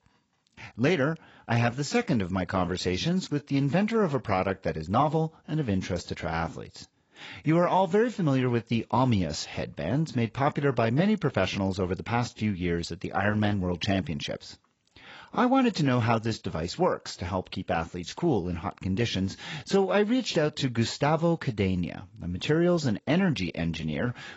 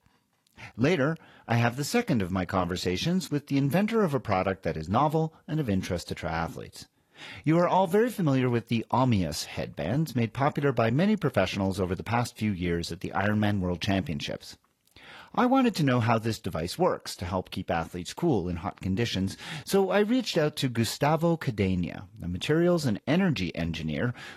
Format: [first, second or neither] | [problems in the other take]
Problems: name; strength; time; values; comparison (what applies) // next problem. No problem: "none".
second | garbled, watery; badly; nothing above 7.5 kHz; slightly in the second